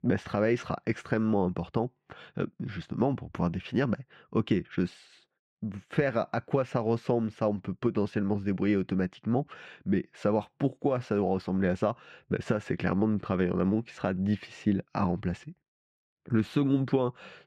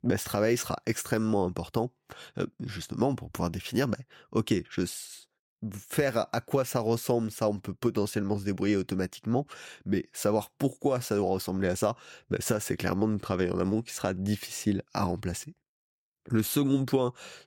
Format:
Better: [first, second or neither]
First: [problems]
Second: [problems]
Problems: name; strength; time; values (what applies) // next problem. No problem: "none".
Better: second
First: muffled; slightly; fading above 2.5 kHz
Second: none